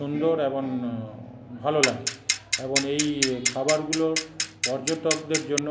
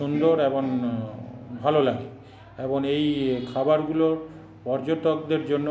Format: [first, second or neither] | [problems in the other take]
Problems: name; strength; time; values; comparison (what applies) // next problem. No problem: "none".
second | background sound (Clock); 1 dB below the speech